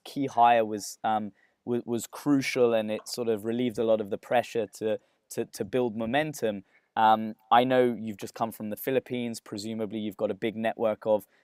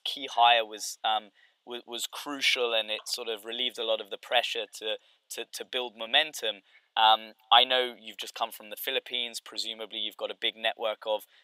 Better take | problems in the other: first | thin; very; fading below 750 Hz

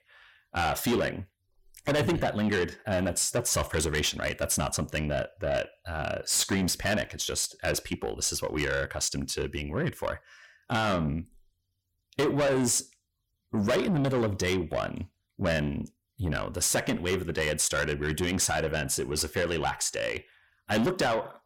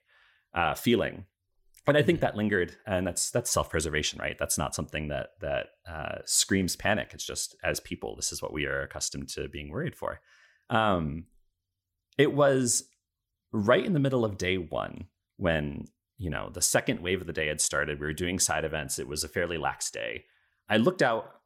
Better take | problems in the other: second | distortion; heavy; 6 dB below the speech

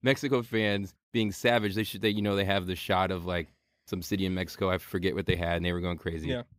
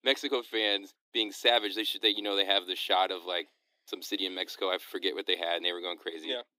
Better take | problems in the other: first | thin; somewhat; fading below 300 Hz

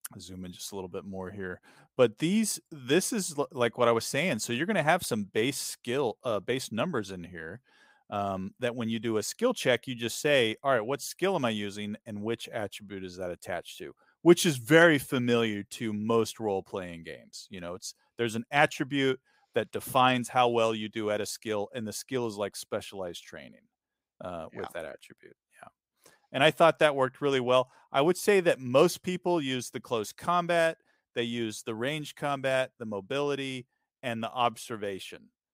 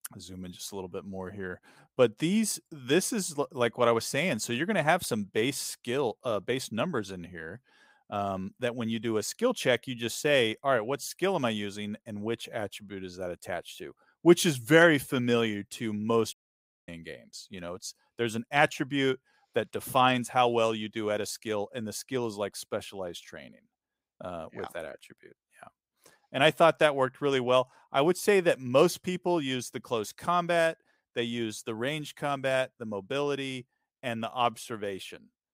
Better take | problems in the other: first | audio cutting out; at 16 s for 0.5 s

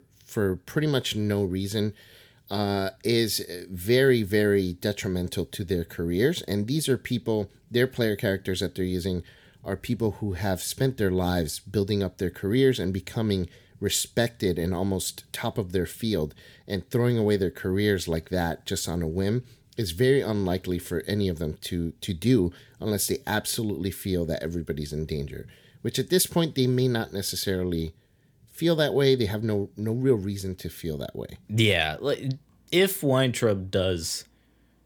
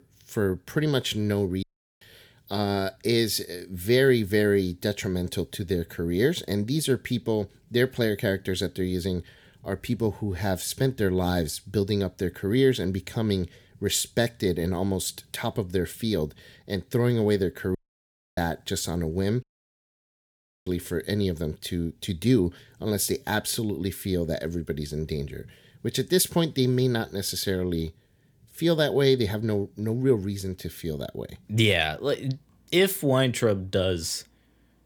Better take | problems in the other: first | audio cutting out; at 1.5 s, at 18 s for 0.5 s and at 19 s for 1 s

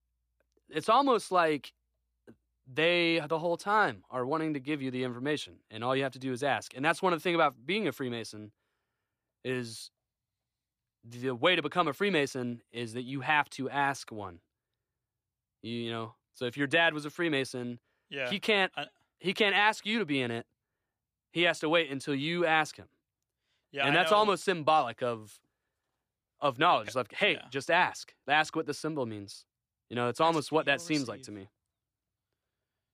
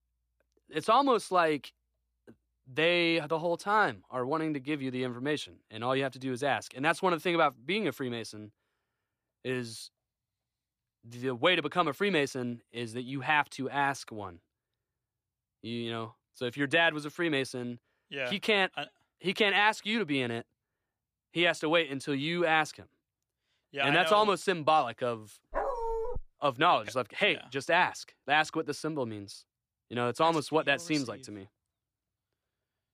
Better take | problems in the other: first | dog barking; noticeable; at 26 s; peak 4 dB below the speech

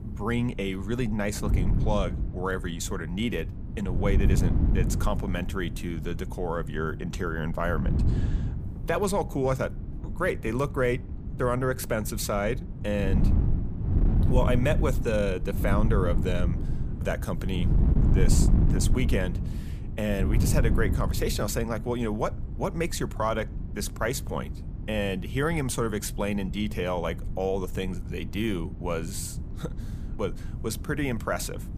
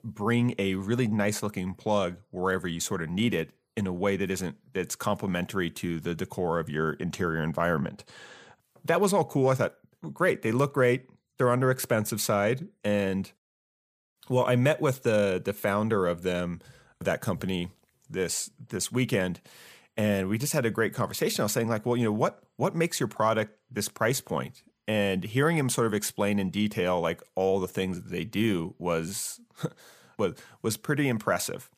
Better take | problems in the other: second | wind noise on the microphone; occasional gusts; 10 dB below the speech

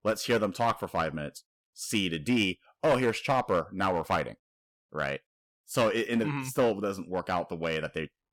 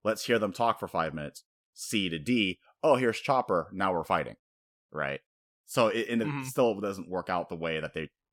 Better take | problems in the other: second | distortion; slight; 3% of the sound clipped

